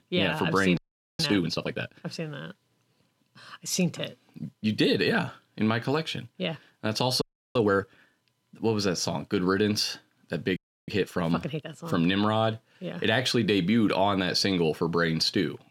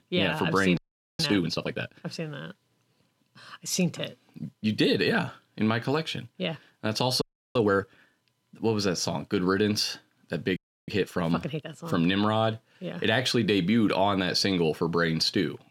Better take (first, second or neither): neither